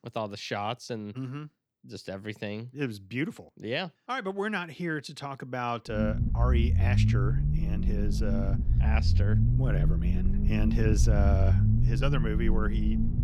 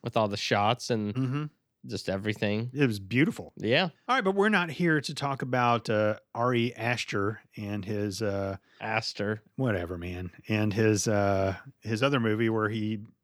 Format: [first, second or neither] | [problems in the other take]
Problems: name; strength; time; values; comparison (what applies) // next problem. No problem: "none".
second | low rumble; loud; from 6 s on; 5 dB below the speech